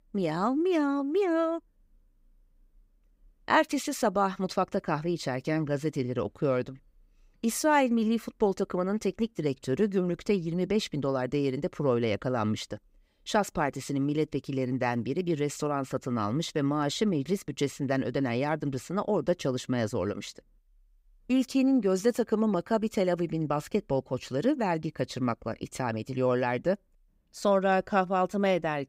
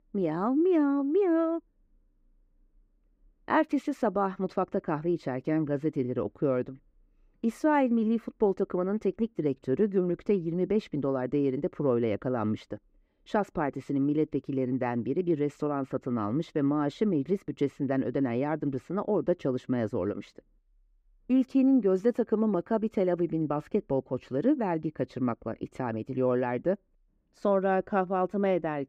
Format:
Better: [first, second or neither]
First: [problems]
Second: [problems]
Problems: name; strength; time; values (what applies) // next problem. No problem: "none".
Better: first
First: none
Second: muffled; very; fading above 3 kHz